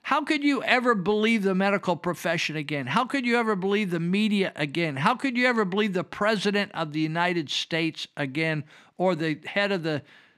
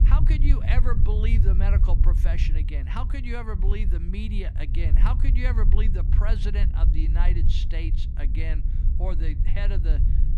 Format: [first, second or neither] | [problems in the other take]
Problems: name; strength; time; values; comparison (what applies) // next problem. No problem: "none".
first | low rumble; loud; throughout; 6 dB below the speech